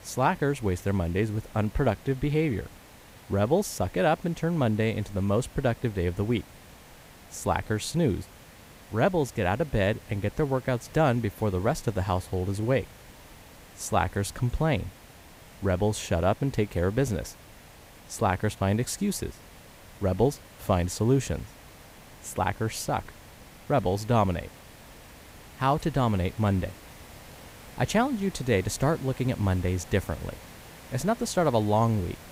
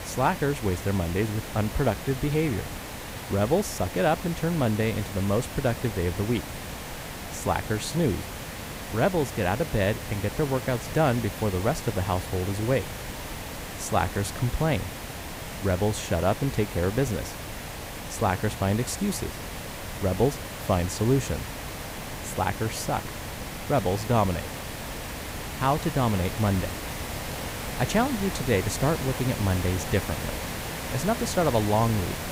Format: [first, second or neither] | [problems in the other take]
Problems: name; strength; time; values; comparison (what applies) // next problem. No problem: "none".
first | hiss; loud; throughout; 8 dB below the speech; faint in the first